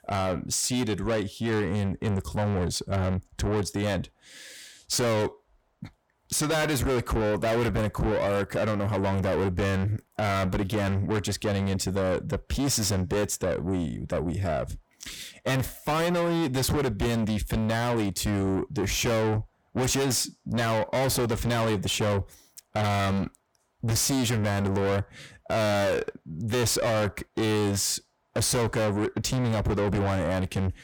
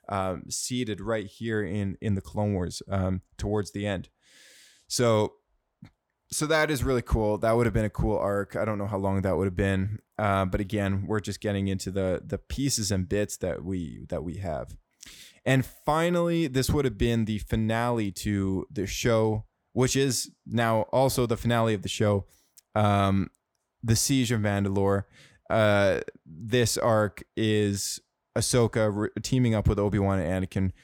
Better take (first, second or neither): second